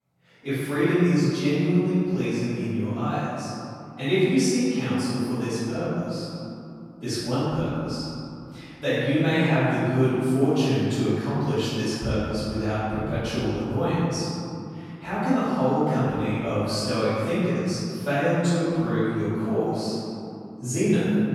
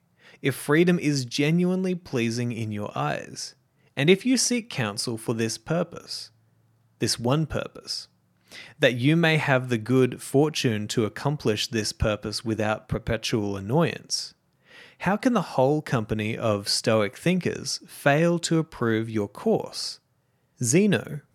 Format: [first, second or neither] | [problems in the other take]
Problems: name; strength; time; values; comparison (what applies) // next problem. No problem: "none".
second | off-mic speech; far // room echo; strong; dies away in 3 s